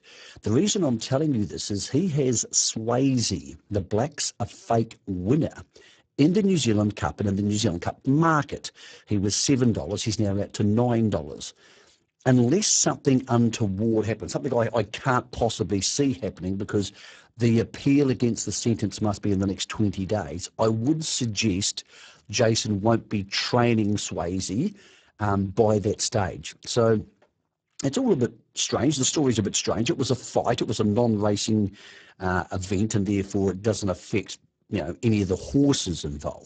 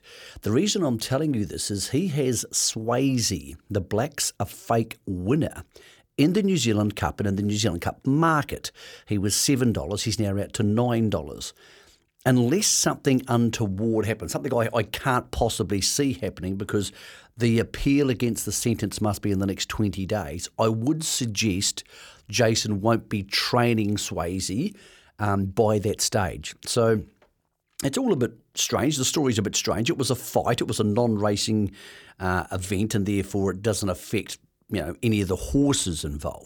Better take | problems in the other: second | garbled, watery; badly; nothing above 7.5 kHz

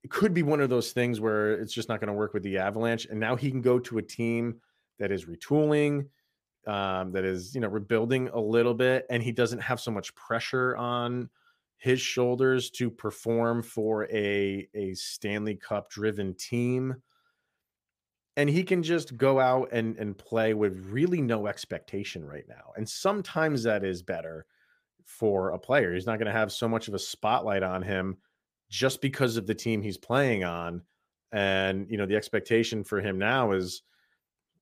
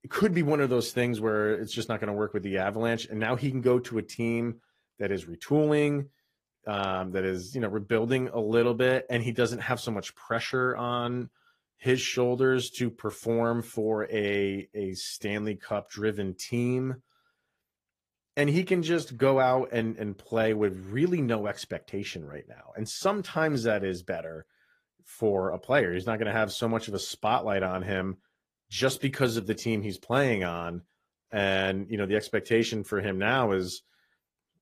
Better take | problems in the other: first | garbled, watery; slightly; nothing above 15 kHz

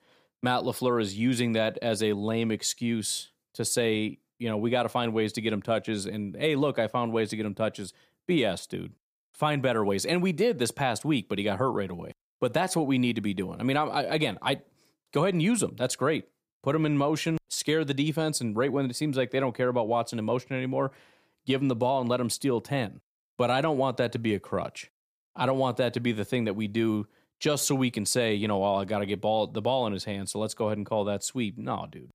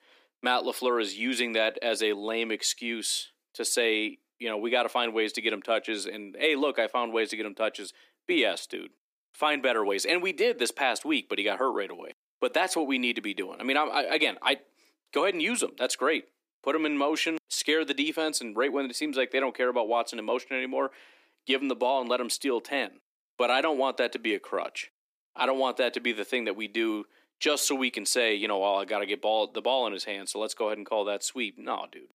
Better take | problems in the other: first | thin; somewhat; fading below 250 Hz

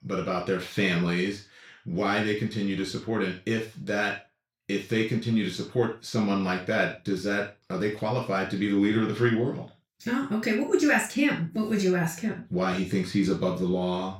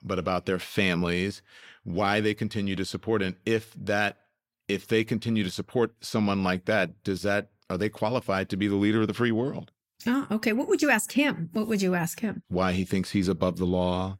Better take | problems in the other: second | room echo; noticeable; dies away in 0.3 s // off-mic speech; far

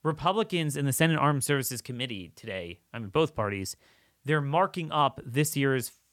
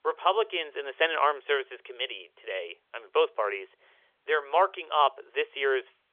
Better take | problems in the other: first | phone-call audio; nothing above 3.5 kHz

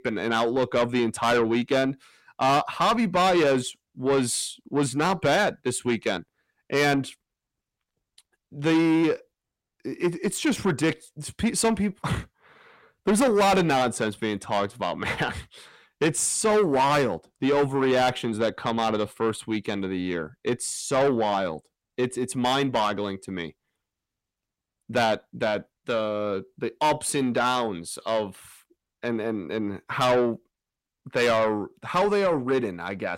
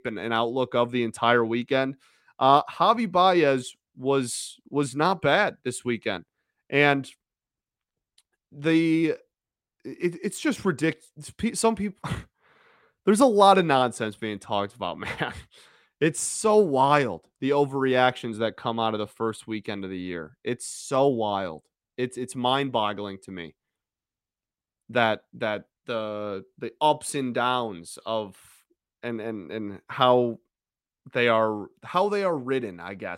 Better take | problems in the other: second | distortion; heavy; 6 dB below the speech

